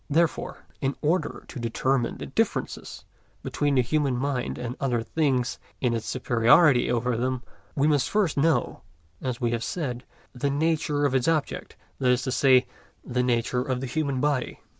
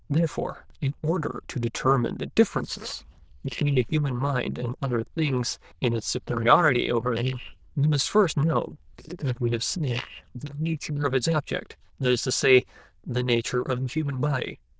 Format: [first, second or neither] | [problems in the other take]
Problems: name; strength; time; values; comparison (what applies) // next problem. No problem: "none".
first | noise reduction (neural diffusion model UNIVERSE++)